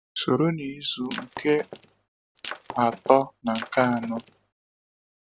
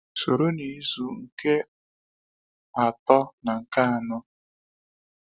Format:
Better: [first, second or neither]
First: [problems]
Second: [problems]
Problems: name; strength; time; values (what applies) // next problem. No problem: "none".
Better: second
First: background sound (Shatter); 14 dB below the speech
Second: none